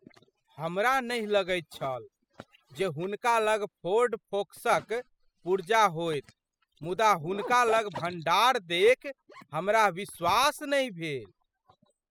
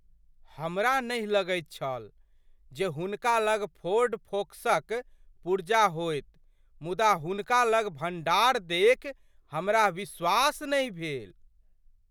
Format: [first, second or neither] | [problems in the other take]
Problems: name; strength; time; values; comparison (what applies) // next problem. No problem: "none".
second | noise reduction (classical method spectral subtraction)